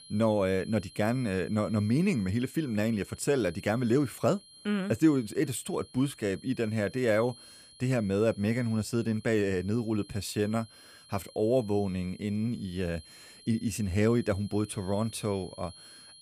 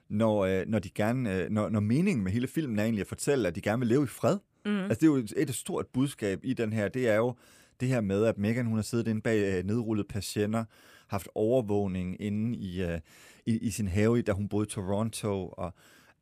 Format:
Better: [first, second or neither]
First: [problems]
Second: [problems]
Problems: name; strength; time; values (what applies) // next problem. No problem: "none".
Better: second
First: high-pitched whine; faint; throughout; 4 kHz, 20 dB below the speech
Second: none